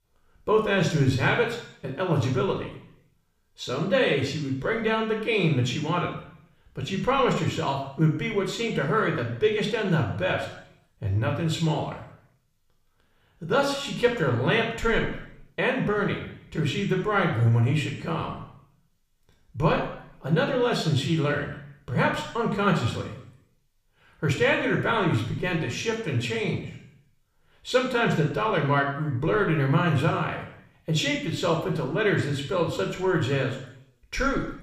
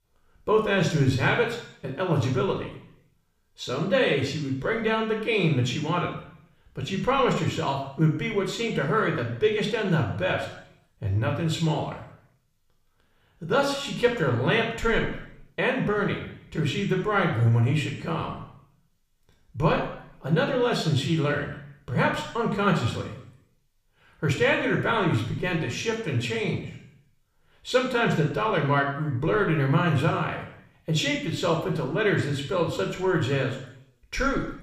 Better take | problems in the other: neither | room echo; noticeable; dies away in 0.7 s; the same in both // off-mic speech; somewhat distant; the same in both

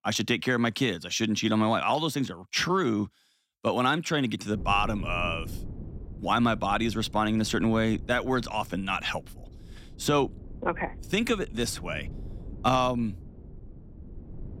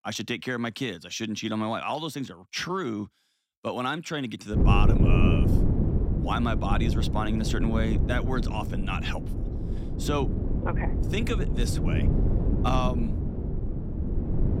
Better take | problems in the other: first | wind noise on the microphone; heavy; from 4.5 s on; 5 dB below the speech; occasional gusts in the first

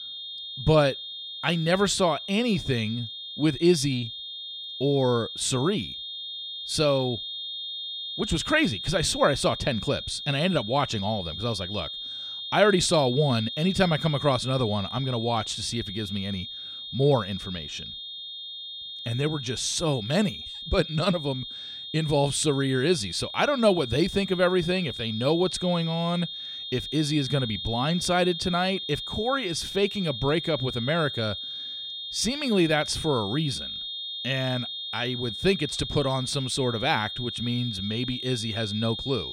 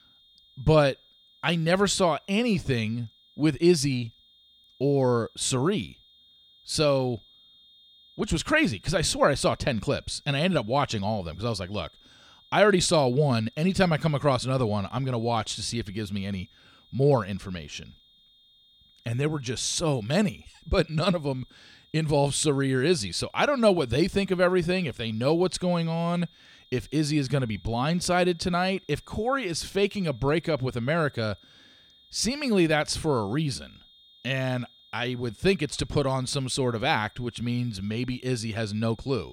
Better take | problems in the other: second | high-pitched whine; loud; throughout; 3.5 kHz, 7 dB below the speech; faint in the second

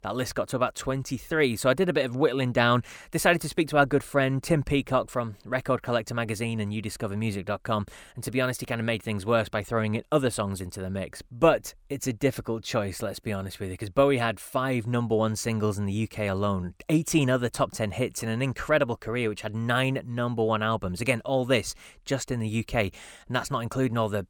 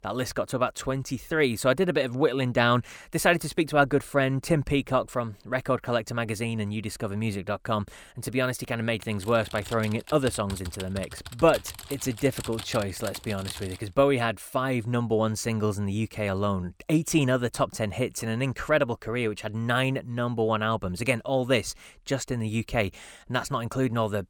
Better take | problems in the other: first | keyboard typing; faint; from 9 to 14 s; peak 10 dB below the speech

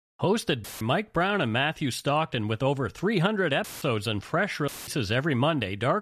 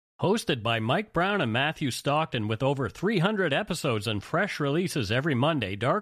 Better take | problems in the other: second | audio cutting out; filled with static; at 0.5 s, at 3.5 s and at 4.5 s

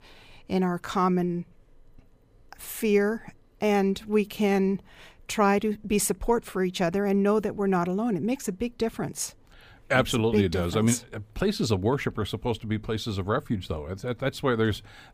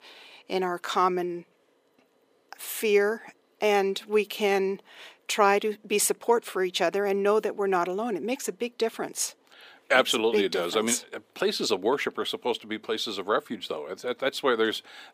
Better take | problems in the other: first | thin; somewhat; fading below 300 Hz

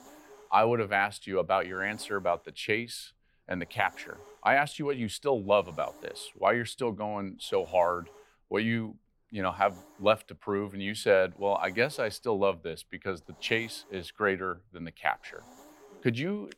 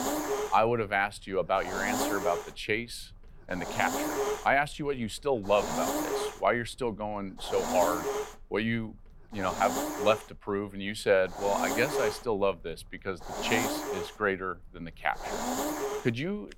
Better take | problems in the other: first | hiss; loud; throughout; 3 dB below the speech; faint in the first

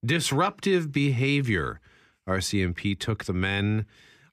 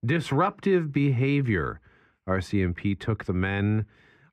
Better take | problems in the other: first | muffled; slightly; fading above 3 kHz

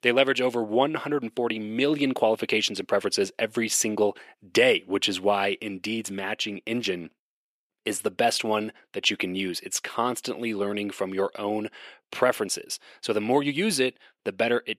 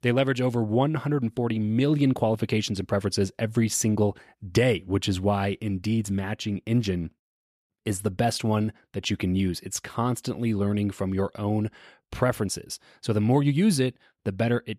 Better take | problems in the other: second | thin; somewhat; fading below 400 Hz

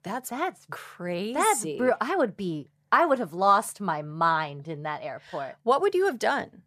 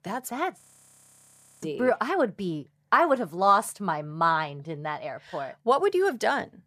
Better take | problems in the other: first | audio freezing; at 0.5 s for 1 s

